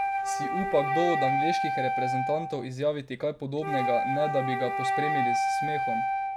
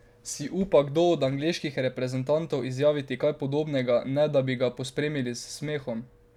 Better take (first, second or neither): second